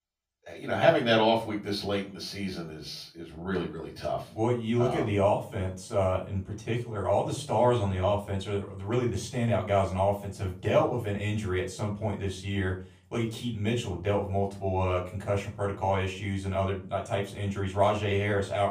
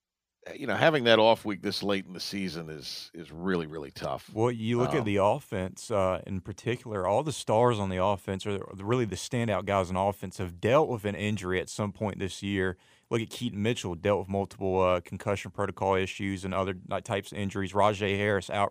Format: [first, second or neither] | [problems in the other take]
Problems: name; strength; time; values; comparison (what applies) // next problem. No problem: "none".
second | room echo; slight; dies away in 0.3 s // off-mic speech; far